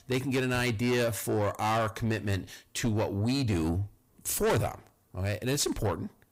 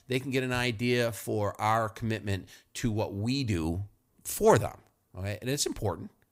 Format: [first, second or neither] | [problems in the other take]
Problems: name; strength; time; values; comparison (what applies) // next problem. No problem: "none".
second | distortion; heavy; 6 dB below the speech